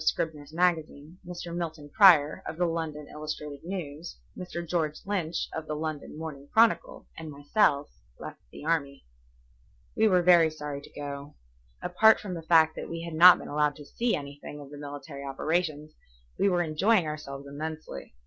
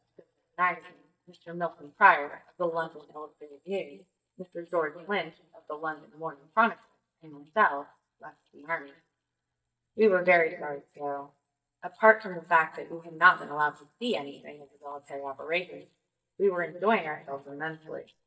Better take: first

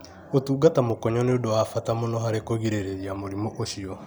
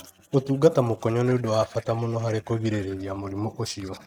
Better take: first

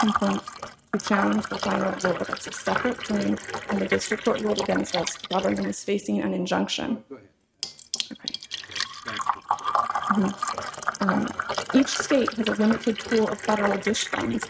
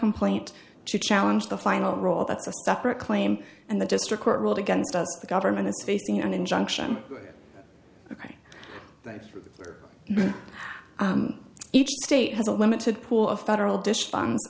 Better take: second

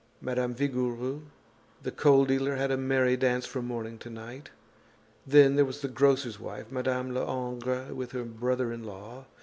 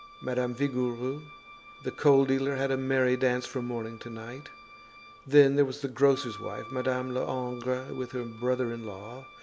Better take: first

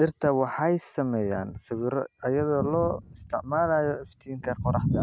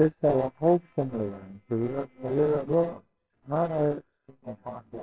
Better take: first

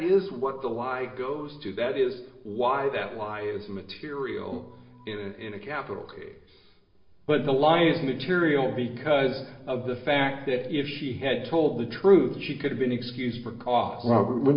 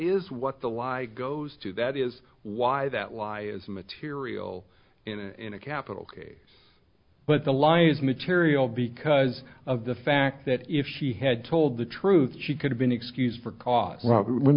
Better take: second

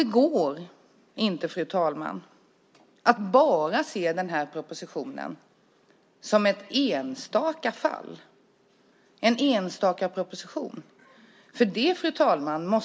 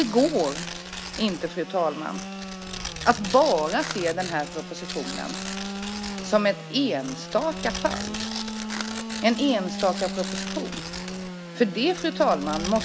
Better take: first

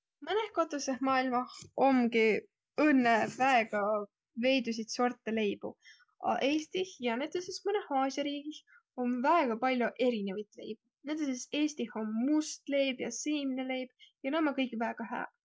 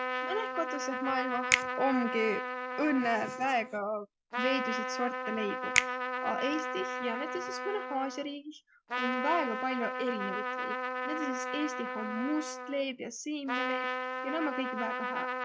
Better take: first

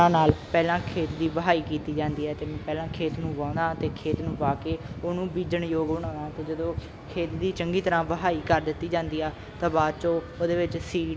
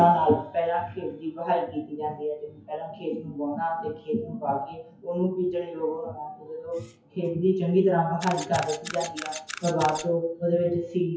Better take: first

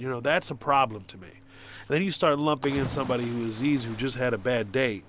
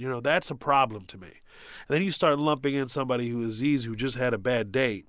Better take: second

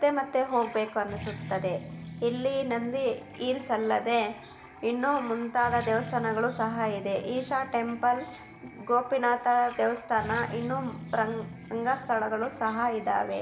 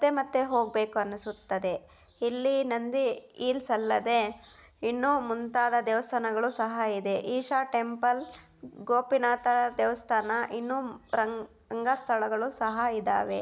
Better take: second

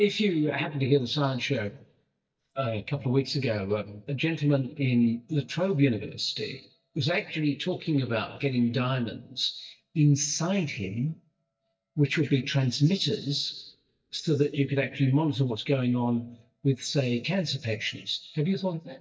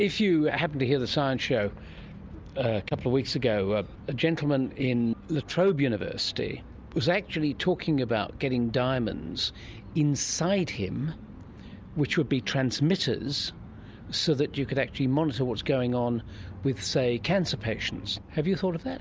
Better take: second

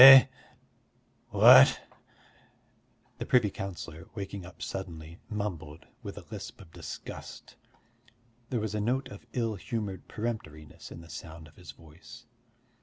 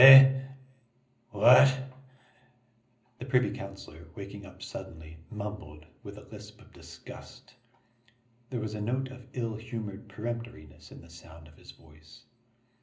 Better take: first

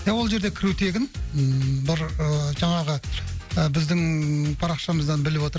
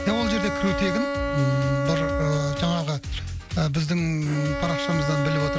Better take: first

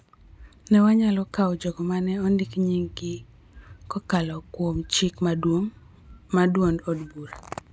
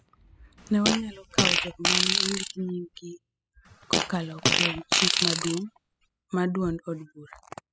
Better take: first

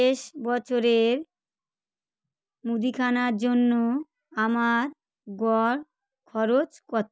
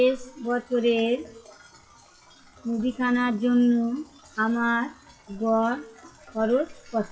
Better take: first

